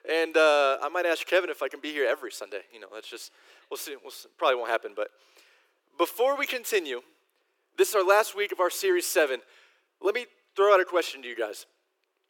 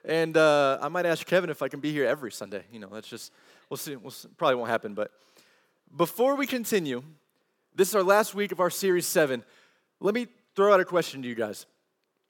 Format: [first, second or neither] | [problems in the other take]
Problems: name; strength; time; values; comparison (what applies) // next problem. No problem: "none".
second | thin; very; fading below 350 Hz